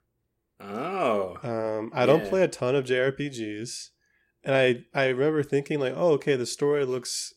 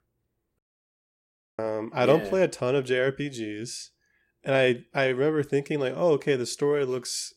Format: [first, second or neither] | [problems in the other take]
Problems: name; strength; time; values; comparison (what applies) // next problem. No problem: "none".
first | audio cutting out; at 0.5 s for 1 s